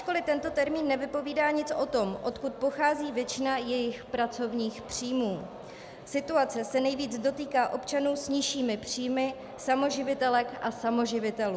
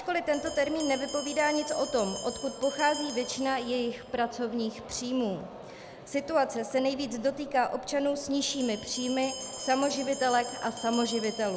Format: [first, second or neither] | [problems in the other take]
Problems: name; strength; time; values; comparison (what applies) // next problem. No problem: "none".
first | background sound (Bell); 13 dB below the speech